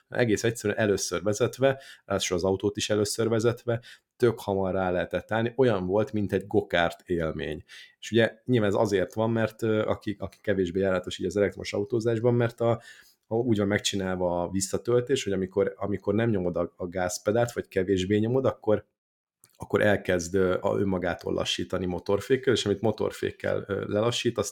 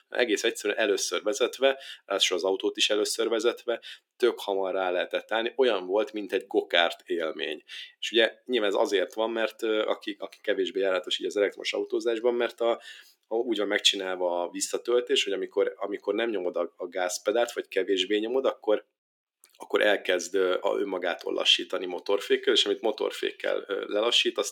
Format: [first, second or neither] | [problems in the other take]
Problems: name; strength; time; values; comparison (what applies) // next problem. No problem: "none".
first | thin; somewhat; fading below 300 Hz